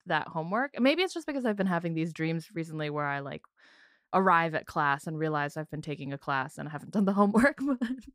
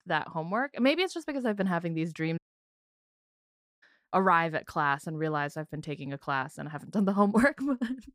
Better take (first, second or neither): first